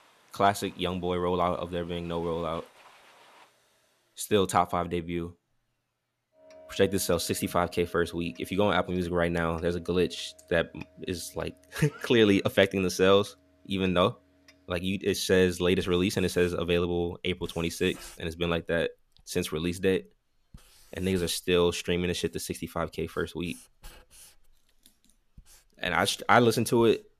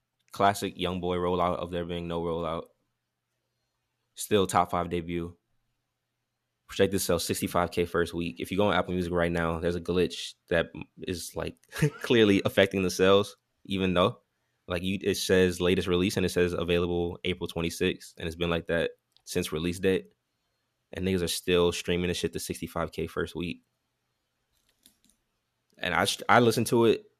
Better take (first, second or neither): second